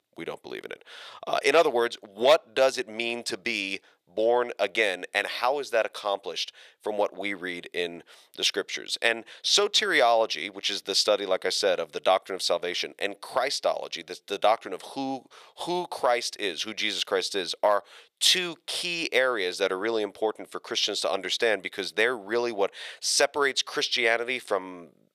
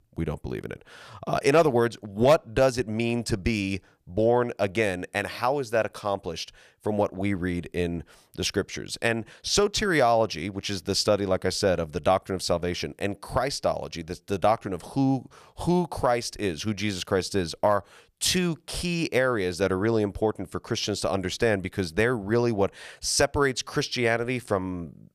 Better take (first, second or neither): second